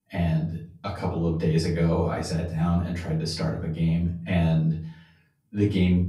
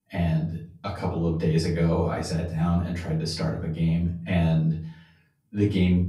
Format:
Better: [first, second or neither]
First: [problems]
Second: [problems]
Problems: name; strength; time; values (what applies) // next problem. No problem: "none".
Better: neither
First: off-mic speech; far // room echo; slight; dies away in 0.4 s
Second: off-mic speech; far // room echo; slight; dies away in 0.4 s